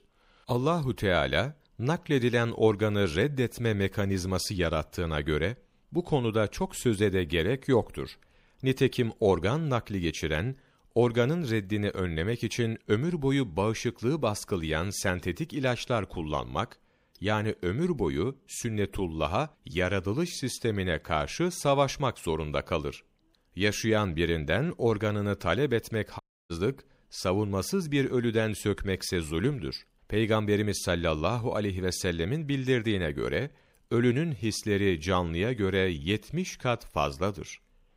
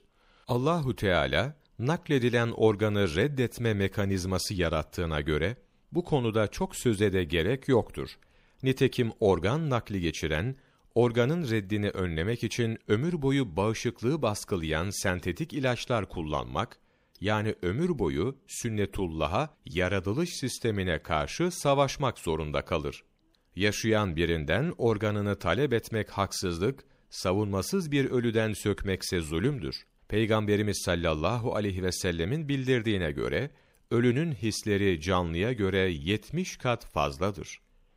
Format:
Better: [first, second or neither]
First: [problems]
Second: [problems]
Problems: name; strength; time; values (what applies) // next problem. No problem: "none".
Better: second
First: audio cutting out; at 26 s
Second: none